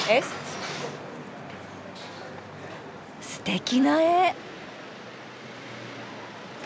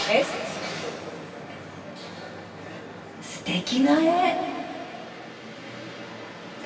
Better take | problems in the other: first | room echo; dies away in 2.6 s

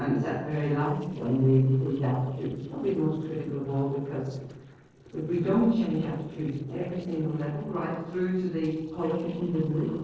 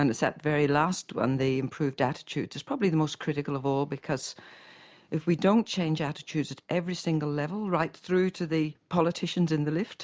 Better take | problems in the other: second | noise reduction (neural separator model SepFormer DNS4)

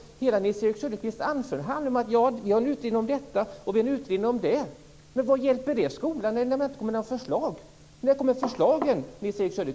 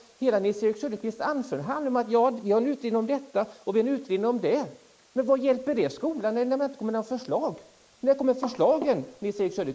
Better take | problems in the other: first | noise reduction (neural mask model Resemble Enhance denoiser)

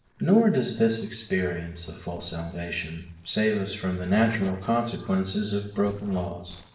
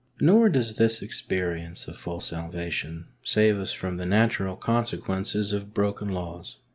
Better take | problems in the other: second | noise reduction (neural separator model SepFormer DNS4)

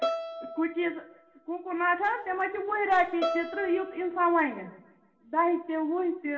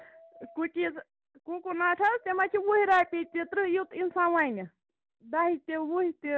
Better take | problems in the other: second | background sound (Bowed string instrument); 10 dB below the speech // room echo; dies away in 0.7 s

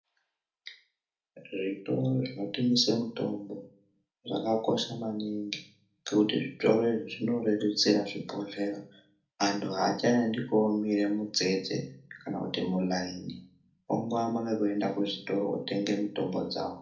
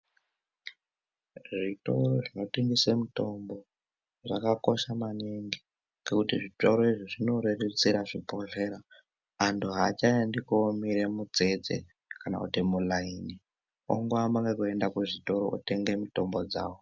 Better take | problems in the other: second | room echo; dies away in 0.4 s

